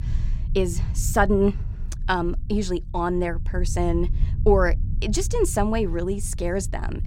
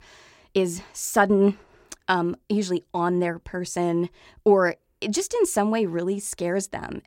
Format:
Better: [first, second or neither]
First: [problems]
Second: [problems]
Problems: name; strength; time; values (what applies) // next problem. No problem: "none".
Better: second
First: low rumble; faint; throughout; 20 dB below the speech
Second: none